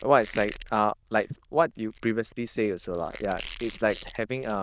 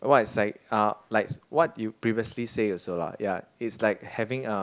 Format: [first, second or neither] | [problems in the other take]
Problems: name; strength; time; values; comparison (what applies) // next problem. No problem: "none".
second | noise reduction (neural diffusion model UNIVERSE++)